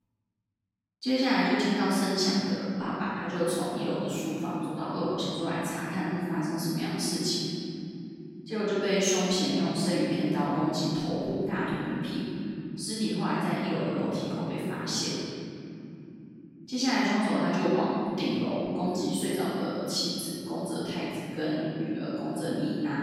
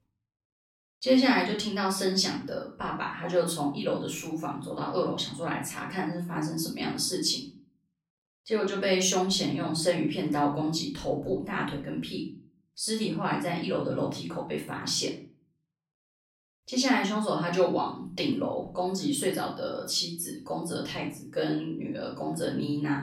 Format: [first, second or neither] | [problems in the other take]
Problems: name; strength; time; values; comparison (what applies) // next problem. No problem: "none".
second | room echo; strong; dies away in 3 s; slight in the second // off-mic speech; far; far in the second